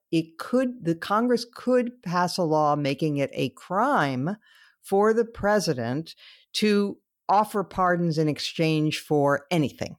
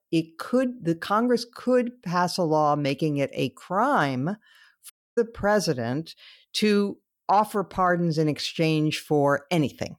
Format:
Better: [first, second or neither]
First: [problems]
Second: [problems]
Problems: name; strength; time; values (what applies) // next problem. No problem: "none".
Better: first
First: none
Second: audio cutting out; at 5 s